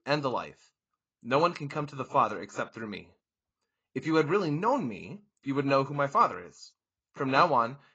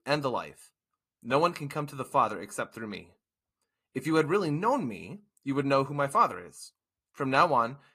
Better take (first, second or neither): second